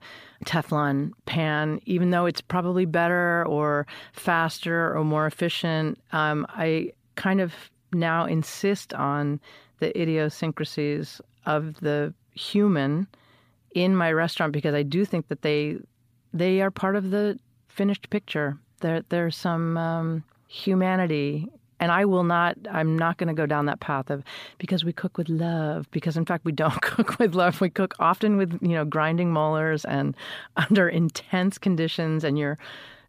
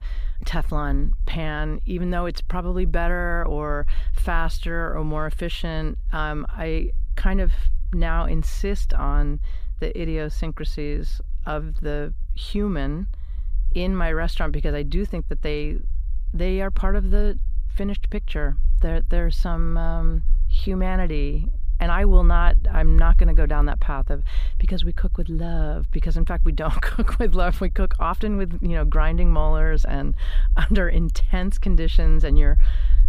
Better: first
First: none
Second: low rumble; faint; throughout; 20 dB below the speech

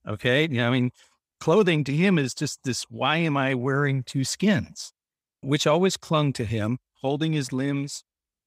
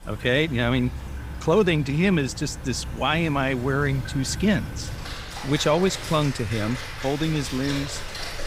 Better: first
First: none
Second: rain or running water; noticeable; throughout; 10 dB below the speech

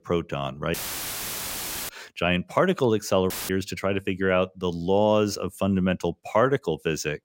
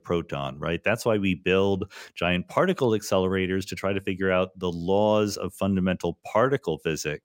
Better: second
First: audio cutting out; filled with static; at 0.5 s for 1 s and at 3.5 s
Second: none

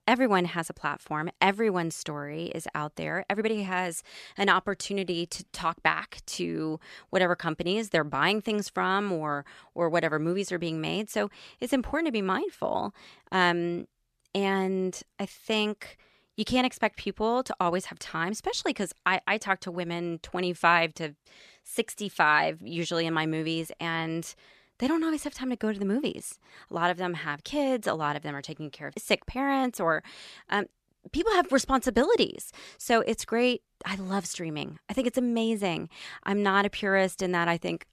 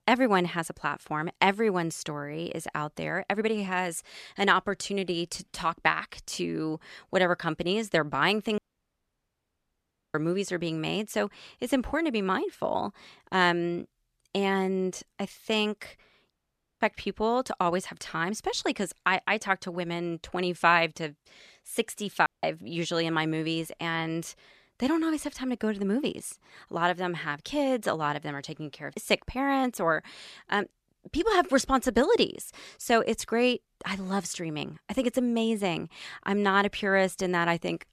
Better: first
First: none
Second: audio cutting out; at 8.5 s for 1.5 s, at 16 s for 0.5 s and at 22 s

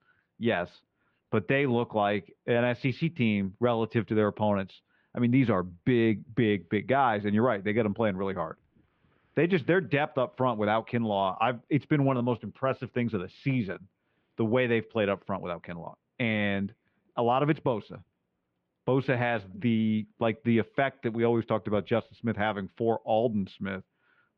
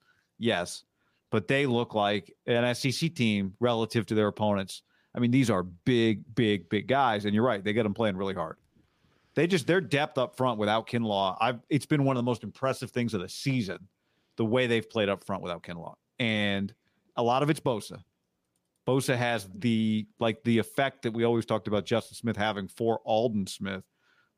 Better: second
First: muffled; very; fading above 3 kHz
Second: none

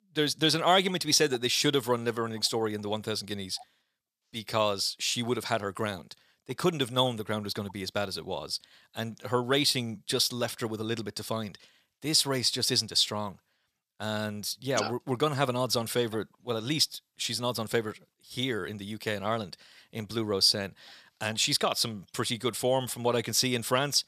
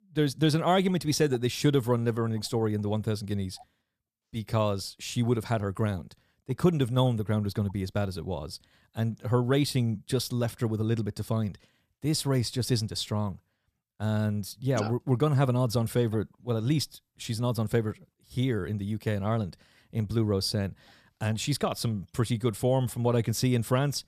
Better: second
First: thin; somewhat; fading below 550 Hz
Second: none

